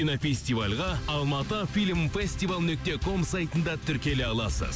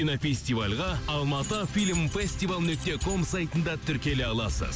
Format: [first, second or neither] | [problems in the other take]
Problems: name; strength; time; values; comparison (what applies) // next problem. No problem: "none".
first | background sound (Keys jangling); 14 dB below the speech